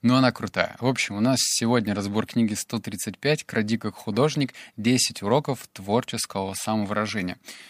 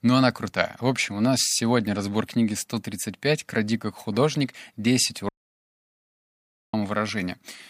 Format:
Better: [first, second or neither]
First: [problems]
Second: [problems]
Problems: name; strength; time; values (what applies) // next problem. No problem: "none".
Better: first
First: none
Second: audio cutting out; at 5.5 s for 1.5 s